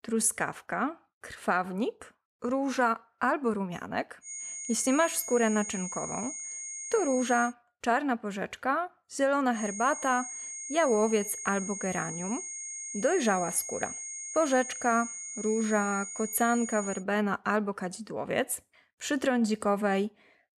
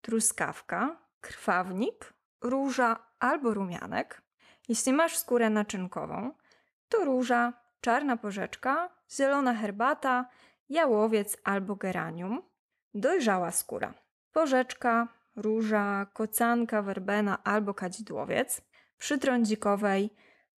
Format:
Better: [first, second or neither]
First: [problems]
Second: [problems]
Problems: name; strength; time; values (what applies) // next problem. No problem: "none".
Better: second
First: high-pitched whine; loud; from 4.5 to 7.5 s and from 9.5 to 17 s; 6.5 kHz, 7 dB below the speech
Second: none